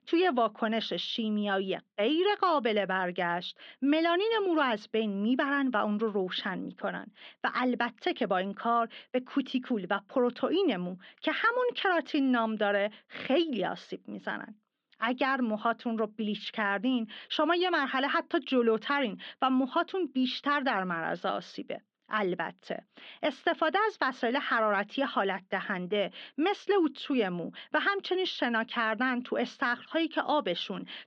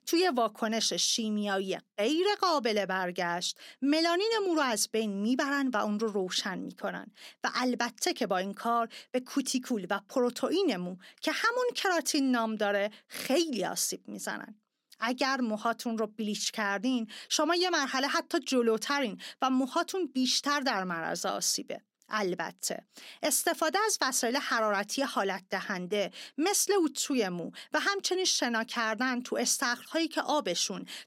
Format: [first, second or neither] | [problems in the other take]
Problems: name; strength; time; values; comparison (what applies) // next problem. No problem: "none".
second | muffled; very; fading above 3.5 kHz